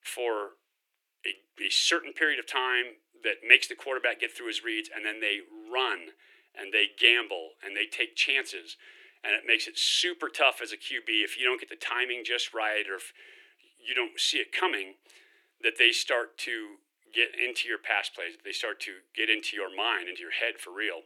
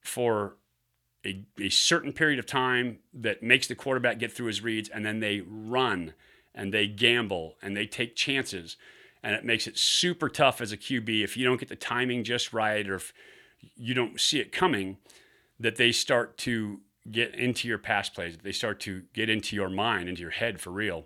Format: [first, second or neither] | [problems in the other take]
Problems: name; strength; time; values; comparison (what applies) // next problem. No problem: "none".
second | thin; very; fading below 300 Hz